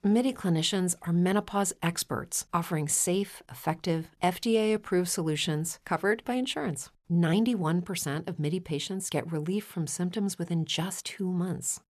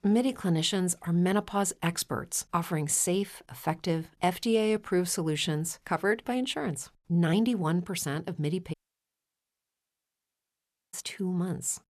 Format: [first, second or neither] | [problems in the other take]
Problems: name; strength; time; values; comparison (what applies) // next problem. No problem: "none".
first | audio cutting out; at 8.5 s for 2 s